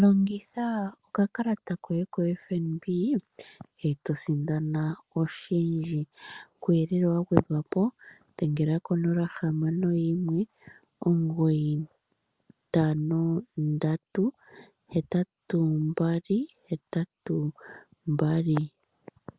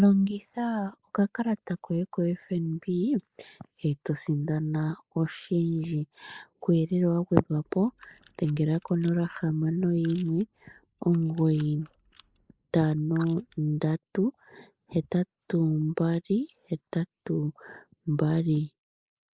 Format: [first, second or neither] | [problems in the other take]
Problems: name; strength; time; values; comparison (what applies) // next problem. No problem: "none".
first | noise reduction (neural mask model Resemble Enhance denoiser)